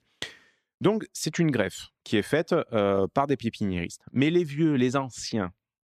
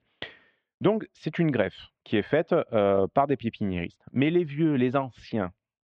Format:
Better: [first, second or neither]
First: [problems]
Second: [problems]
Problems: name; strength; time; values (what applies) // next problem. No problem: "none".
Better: first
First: none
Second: muffled; very; fading above 3 kHz